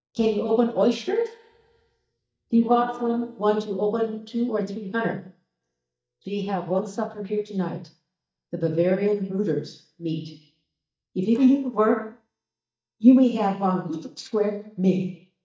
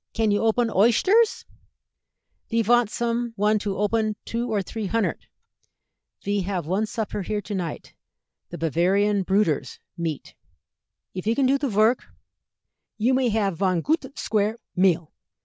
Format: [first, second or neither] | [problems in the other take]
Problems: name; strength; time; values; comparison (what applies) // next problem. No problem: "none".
second | noise reduction (neural mask model DeepFilterNet 3)